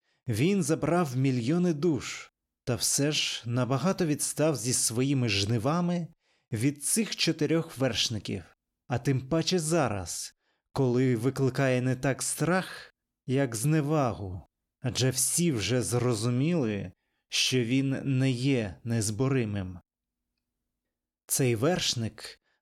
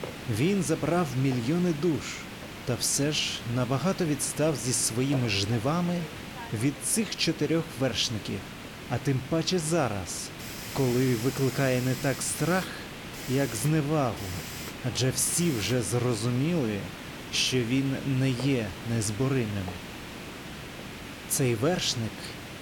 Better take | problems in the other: first | hiss; noticeable; throughout; 10 dB below the speech

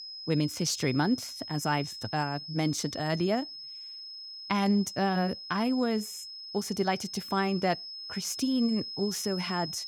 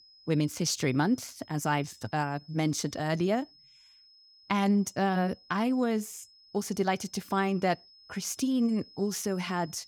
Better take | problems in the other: second | high-pitched whine; loud; throughout; 5 kHz, 9 dB below the speech; faint in the second

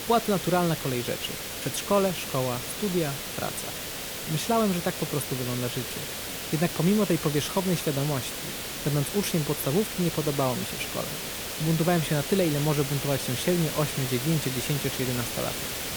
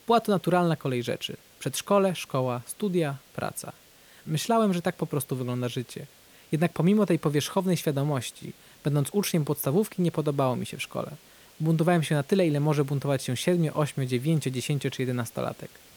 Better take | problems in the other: second | hiss; loud; throughout; 4 dB below the speech; faint in the second

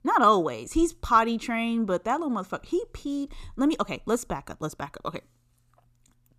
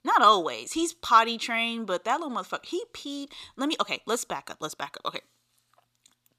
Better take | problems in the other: first | thin; somewhat; fading below 750 Hz

